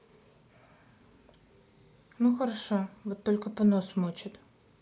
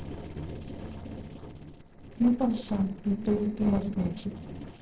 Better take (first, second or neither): first